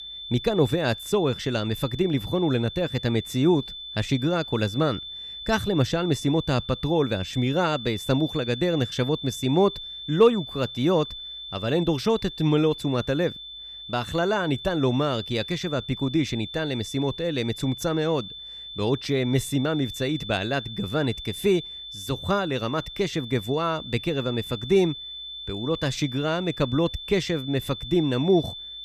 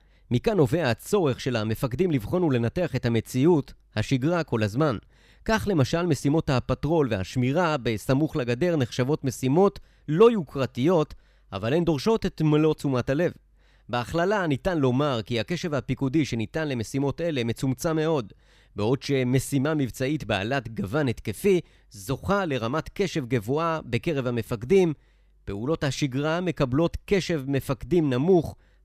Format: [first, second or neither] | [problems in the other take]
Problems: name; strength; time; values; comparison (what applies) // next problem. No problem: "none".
second | high-pitched whine; noticeable; throughout; 3.5 kHz, 10 dB below the speech